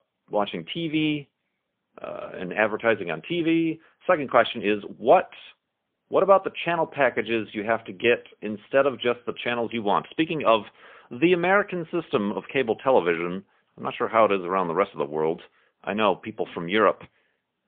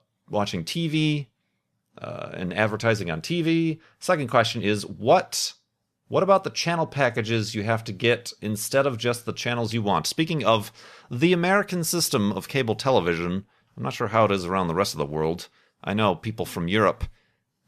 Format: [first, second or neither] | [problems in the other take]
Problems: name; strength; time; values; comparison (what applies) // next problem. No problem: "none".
second | phone-call audio; poor line; nothing above 3.5 kHz